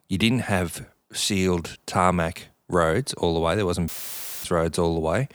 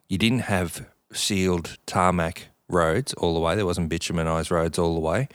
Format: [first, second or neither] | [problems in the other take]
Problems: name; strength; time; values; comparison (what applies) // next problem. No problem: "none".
second | audio cutting out; filled with static; at 4 s for 0.5 s